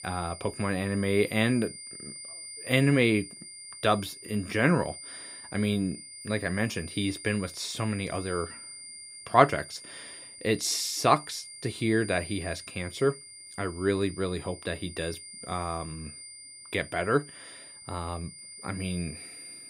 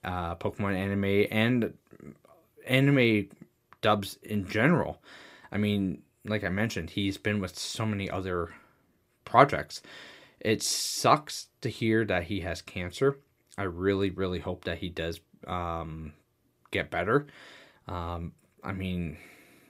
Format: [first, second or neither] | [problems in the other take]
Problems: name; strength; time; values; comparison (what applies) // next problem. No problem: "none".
second | high-pitched whine; noticeable; throughout; 9 kHz, 15 dB below the speech